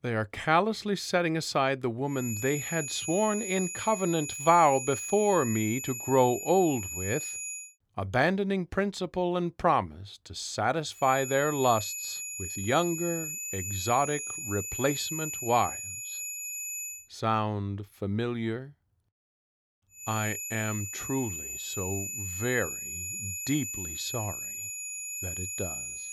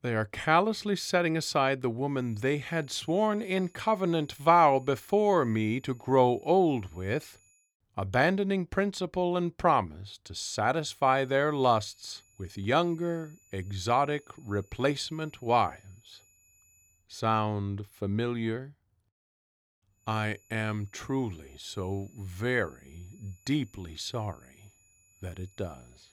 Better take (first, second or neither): second